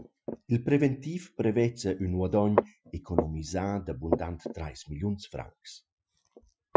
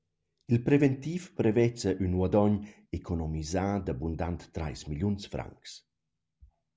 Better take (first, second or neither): second